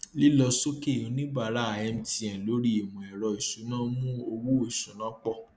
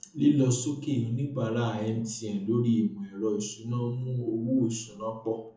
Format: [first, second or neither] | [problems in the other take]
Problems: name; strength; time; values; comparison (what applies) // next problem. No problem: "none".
first | room echo; dies away in 0.6 s